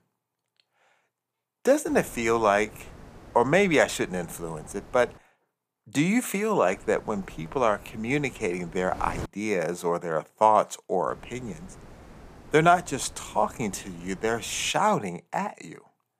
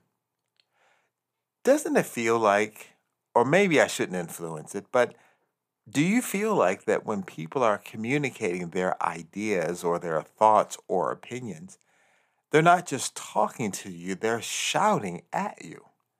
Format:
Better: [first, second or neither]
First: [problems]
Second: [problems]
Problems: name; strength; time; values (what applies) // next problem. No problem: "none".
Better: second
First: wind noise on the microphone; occasional gusts; from 2 to 5 s, from 6.5 to 9.5 s and from 11 to 15 s; 25 dB below the speech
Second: none